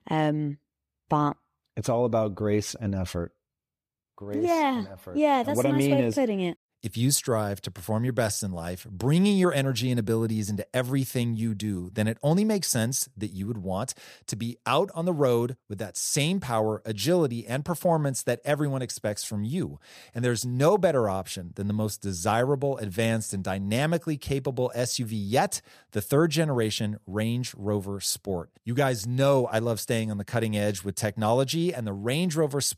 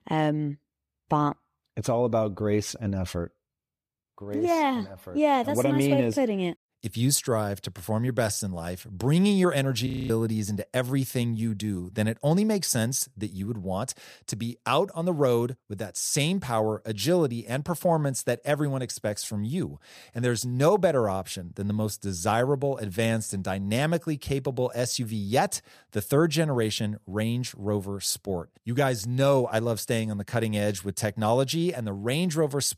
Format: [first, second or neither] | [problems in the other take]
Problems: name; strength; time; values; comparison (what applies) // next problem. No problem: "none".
first | audio freezing; at 10 s